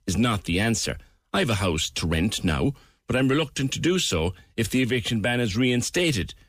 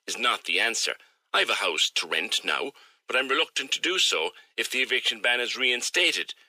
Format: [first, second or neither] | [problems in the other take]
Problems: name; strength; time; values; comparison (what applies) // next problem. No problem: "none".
first | thin; very; fading below 400 Hz